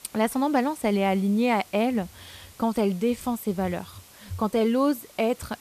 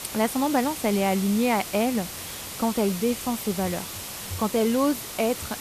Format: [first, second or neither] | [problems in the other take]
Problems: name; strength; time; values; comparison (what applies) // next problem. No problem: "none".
first | hiss; loud; throughout; 8 dB below the speech; faint in the first